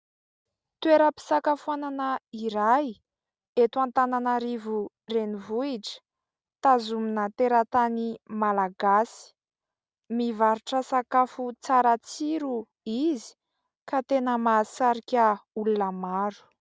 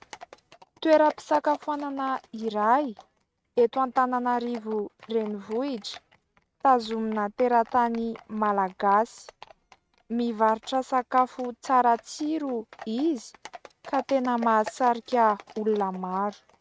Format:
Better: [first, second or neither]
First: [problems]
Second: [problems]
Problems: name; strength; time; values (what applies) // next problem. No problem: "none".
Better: first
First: none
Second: noise reduction (neural mask model RNNoise)